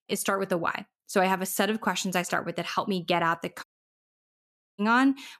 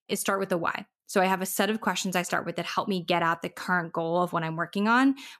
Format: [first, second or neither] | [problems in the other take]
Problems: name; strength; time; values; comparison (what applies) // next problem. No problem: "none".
second | audio cutting out; at 3.5 s for 1 s